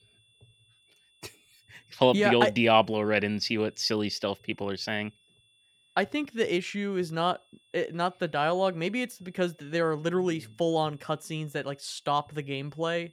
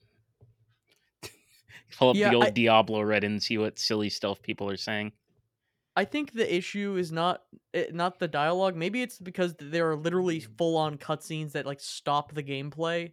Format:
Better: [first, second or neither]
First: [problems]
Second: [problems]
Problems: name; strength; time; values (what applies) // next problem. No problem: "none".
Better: second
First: high-pitched whine; faint; throughout; 3.5 kHz, 35 dB below the speech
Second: none